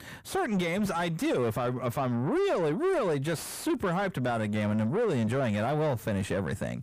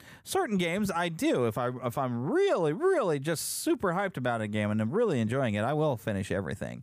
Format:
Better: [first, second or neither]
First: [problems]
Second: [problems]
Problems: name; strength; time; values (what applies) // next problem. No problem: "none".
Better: second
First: distortion; slight; 10 dB below the speech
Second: none